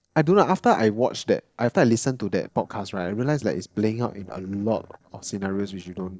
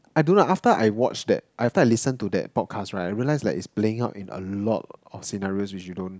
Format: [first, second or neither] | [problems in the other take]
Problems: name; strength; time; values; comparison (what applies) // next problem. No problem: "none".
second | noise reduction (neural separator model SepFormer DNS4)